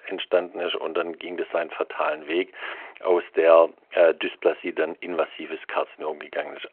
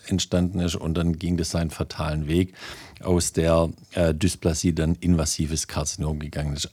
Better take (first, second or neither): second